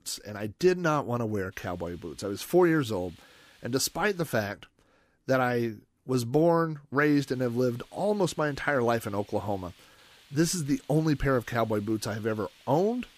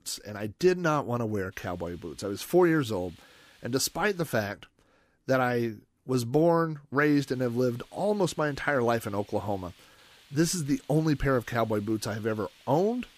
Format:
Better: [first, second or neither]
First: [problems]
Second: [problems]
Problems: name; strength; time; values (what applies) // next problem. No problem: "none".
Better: neither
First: hiss; faint; from 1.5 to 4.5 s and from 7 s on; 30 dB below the speech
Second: hiss; faint; from 1.5 to 4.5 s and from 7 s on; 30 dB below the speech